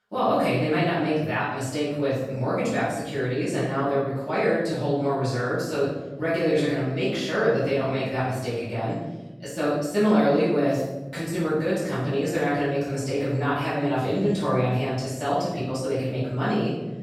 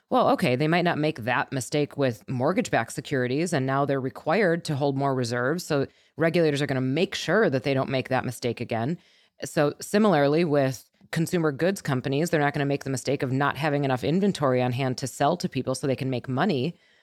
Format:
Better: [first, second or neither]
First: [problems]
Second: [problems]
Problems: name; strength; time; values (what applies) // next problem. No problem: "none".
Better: second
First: off-mic speech; far // room echo; strong; dies away in 0.9 s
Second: none